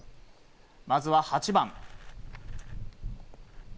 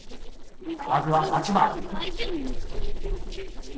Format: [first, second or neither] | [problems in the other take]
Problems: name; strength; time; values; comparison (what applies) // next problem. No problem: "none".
first | noise reduction (neural separator model SepFormer DNS4)